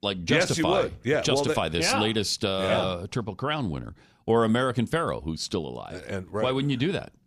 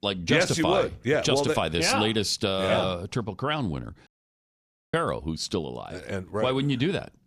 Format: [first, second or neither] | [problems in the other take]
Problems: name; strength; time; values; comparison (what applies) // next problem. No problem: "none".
first | audio cutting out; at 4 s for 1 s